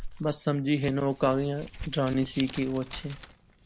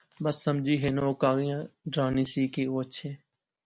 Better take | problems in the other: second | background sound (Crumpling, crinkling); 14 dB below the speech

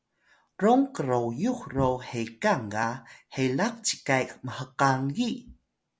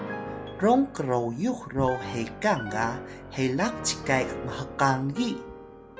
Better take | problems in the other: first | background sound (Piano); 10 dB below the speech

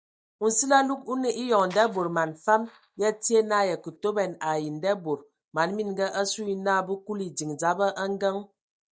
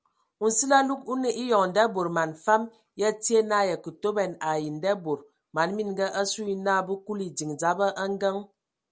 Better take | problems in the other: second | noise reduction (neural mask model DeepFilterNet 3)

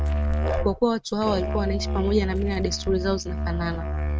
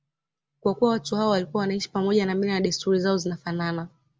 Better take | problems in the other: second | noise reduction (neural mask model RNNoise)

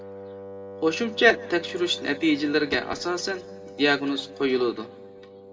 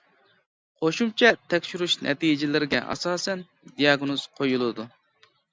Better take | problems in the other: second | background sound (Wind instrument, woodwind instrument); 15 dB below the speech // room echo; dies away in 1.5 s

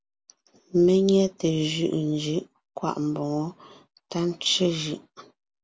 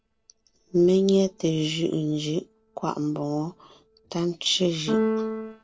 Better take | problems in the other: first | noise reduction (neural separator model SepFormer DNS4)

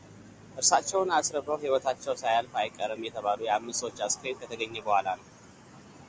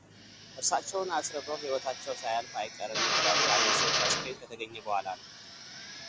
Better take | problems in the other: first | background sound (Drill); 2 dB above the speech

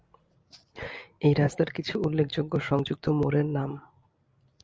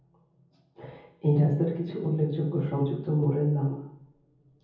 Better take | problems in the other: first | room echo; dies away in 0.7 s

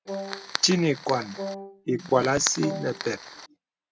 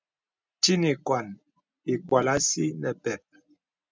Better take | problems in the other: second | background sound (Wind instrument, woodwind instrument + Fire); 9 dB below the speech

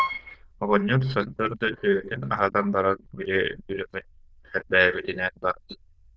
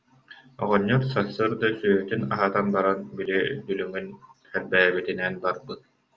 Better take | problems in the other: second | noise reduction (neural diffusion model UNIVERSE++)

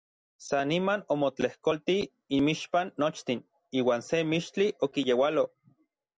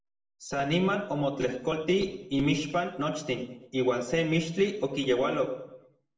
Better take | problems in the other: first | room echo; dies away in 0.7 s

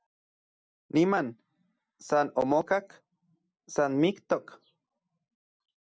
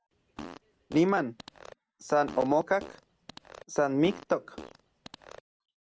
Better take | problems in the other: first | background sound (Fart); 17 dB below the speech

